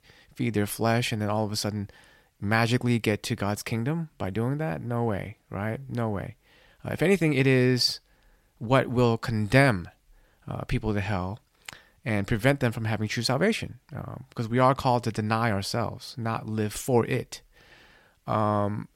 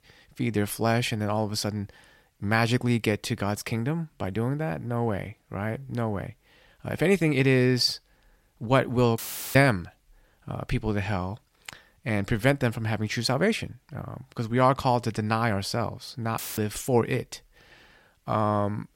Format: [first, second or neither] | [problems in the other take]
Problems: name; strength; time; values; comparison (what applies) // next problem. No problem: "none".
first | audio cutting out; filled with static; at 9 s and at 16 s